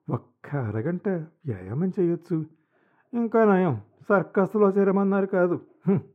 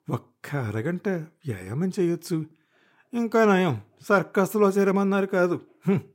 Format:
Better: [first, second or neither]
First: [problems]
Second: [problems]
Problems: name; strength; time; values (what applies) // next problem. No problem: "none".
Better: second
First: muffled; very; fading above 2.5 kHz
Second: none